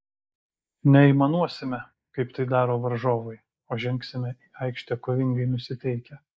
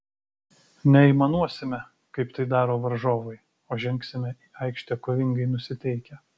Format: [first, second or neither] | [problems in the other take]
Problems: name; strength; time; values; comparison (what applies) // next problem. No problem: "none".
second | noise reduction (neural mask model Resemble Enhance denoiser)